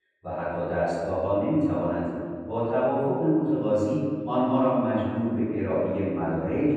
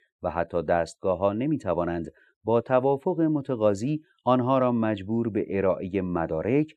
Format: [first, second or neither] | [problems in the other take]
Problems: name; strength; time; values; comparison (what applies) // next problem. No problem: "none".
second | off-mic speech; far // room echo; strong; dies away in 1.8 s